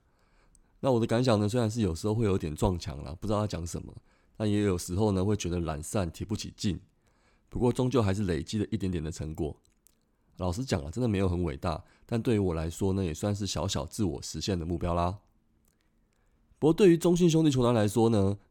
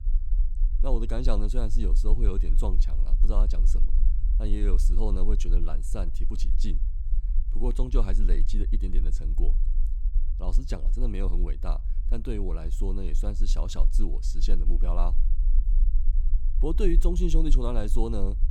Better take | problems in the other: first | low rumble; noticeable; throughout; 15 dB below the speech

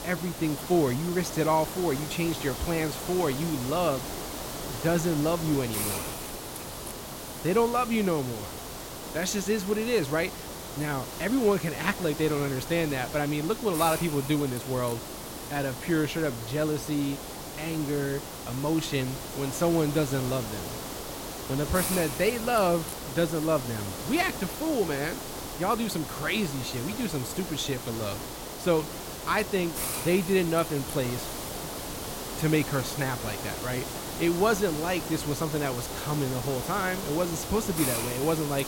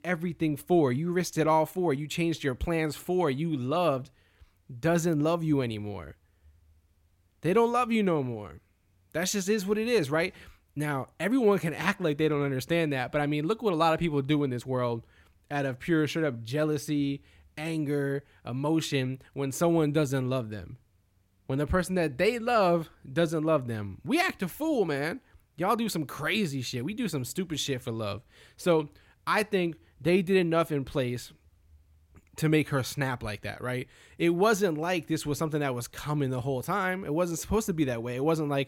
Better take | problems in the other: second | hiss; loud; throughout; 6 dB below the speech

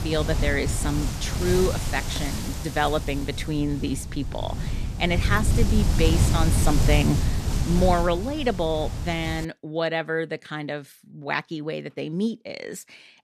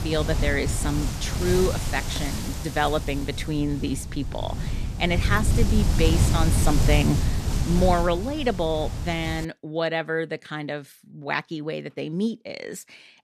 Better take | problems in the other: neither | wind noise on the microphone; heavy; until 9.5 s; 7 dB below the speech; the same in both

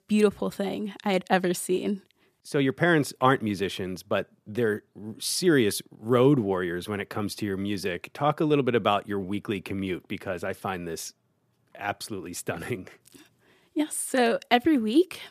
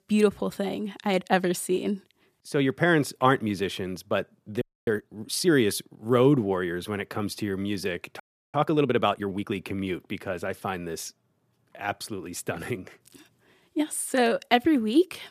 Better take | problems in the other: first | audio freezing; at 4.5 s and at 8 s

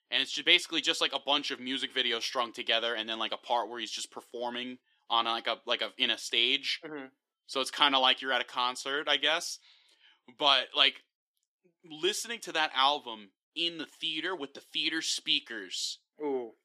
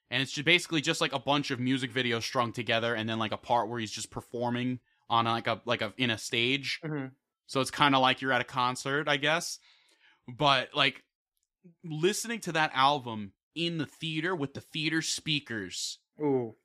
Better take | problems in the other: second | thin; somewhat; fading below 300 Hz

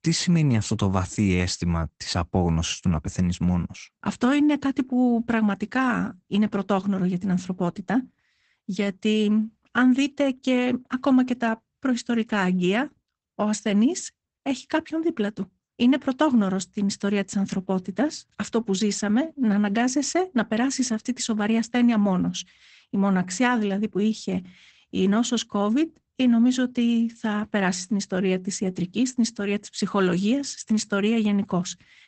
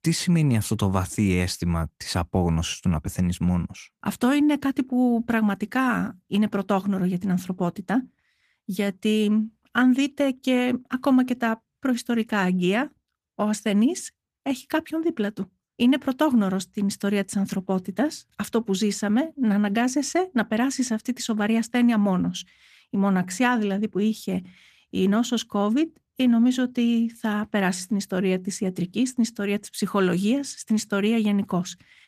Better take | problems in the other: second | garbled, watery; badly; nothing above 8 kHz; slightly in the second

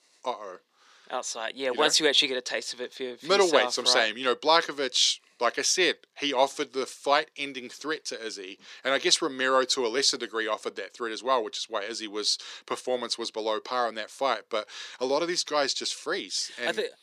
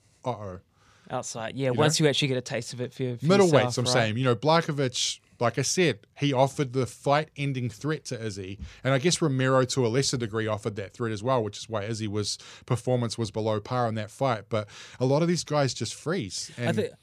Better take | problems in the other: second | thin; somewhat; fading below 300 Hz

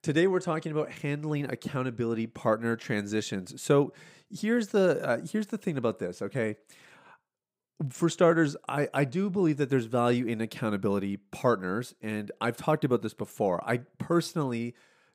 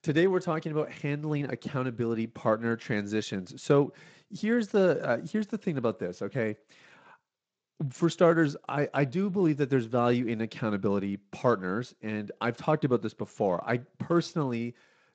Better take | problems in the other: first | garbled, watery; slightly; nothing above 7.5 kHz

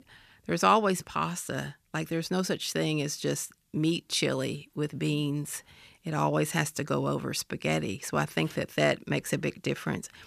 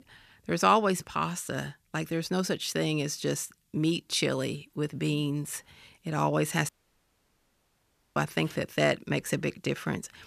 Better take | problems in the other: first | audio cutting out; at 6.5 s for 1.5 s

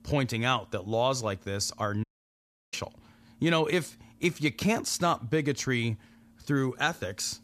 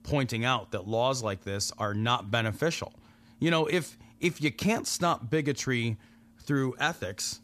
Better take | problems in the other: second | audio cutting out; at 2 s for 0.5 s

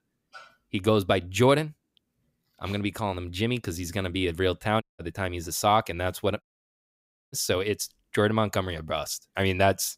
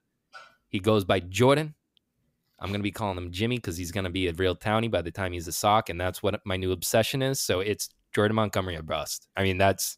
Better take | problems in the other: second | audio cutting out; at 5 s and at 6.5 s for 1 s

